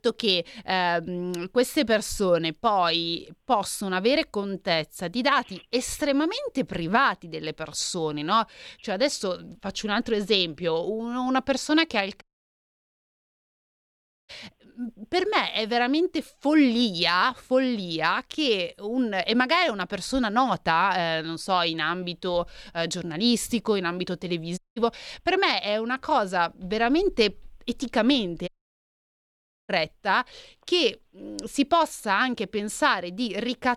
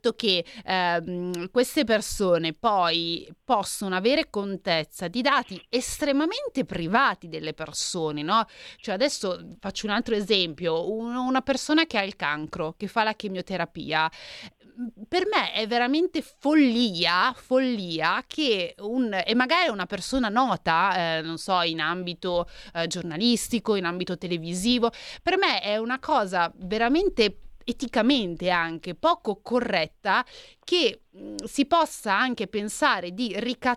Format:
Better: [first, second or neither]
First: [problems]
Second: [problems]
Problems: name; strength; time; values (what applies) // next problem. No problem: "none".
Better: second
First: audio cutting out; at 12 s for 2 s, at 25 s and at 28 s for 1 s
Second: none